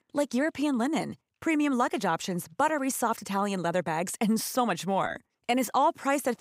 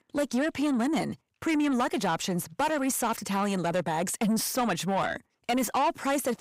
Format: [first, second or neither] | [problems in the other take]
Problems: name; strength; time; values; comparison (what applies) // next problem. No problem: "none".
first | distortion; slight; 10 dB below the speech